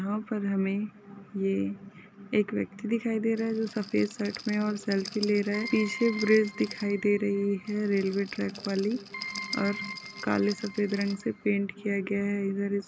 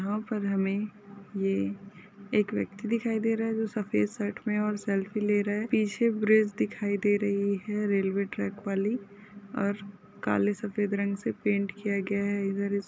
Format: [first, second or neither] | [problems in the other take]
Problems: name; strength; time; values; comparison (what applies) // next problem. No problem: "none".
second | background sound (Rattle + Keyboard (musical)); 13 dB below the speech